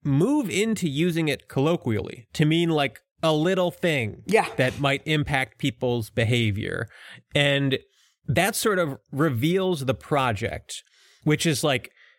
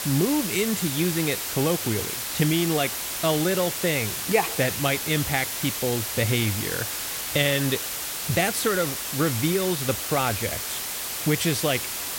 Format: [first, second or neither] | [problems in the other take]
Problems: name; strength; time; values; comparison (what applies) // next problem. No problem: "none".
first | hiss; loud; throughout; 2 dB below the speech